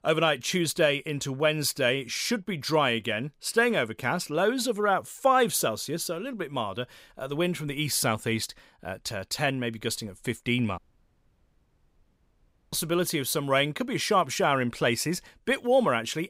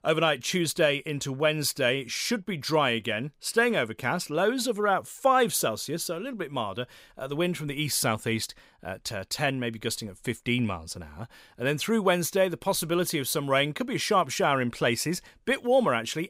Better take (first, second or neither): second